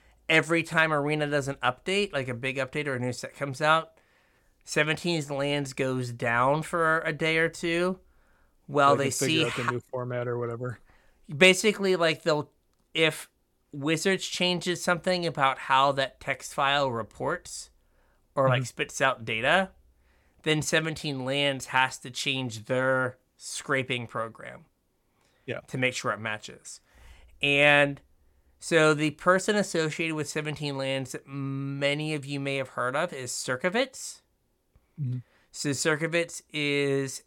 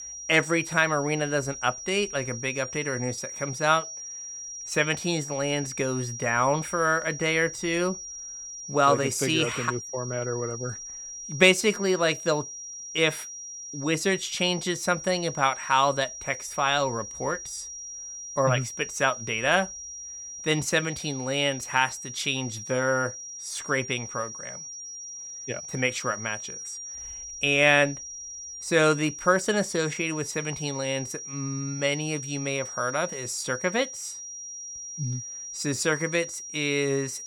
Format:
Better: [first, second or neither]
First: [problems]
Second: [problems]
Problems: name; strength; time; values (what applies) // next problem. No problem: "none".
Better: first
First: none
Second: high-pitched whine; loud; throughout; 5.5 kHz, 10 dB below the speech